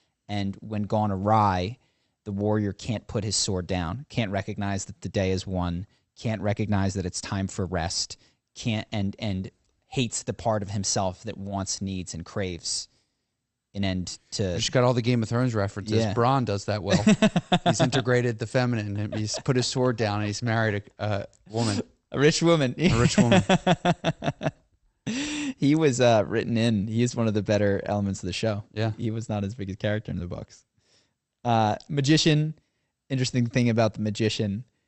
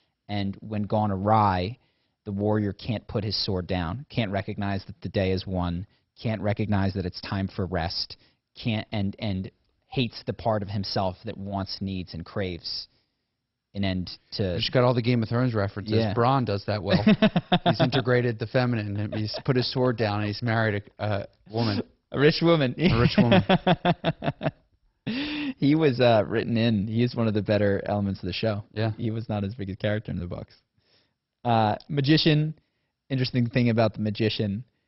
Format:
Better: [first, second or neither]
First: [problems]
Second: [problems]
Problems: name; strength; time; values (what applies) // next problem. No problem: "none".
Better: first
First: garbled, watery; slightly; nothing above 8 kHz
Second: garbled, watery; badly; nothing above 5.5 kHz